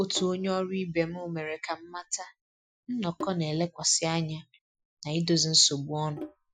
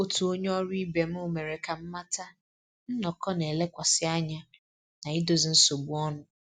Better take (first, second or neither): second